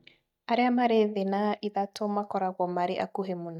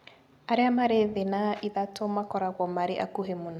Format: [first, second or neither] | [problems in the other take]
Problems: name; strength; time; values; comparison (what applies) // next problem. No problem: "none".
second | noise reduction (neural mask model DeepFilterNet 3)